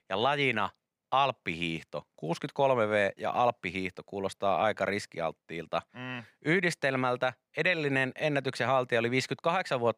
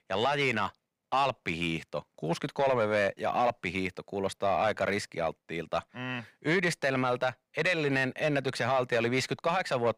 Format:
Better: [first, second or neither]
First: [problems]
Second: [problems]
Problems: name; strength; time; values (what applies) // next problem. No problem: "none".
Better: first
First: none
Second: distortion; slight; 10 dB below the speech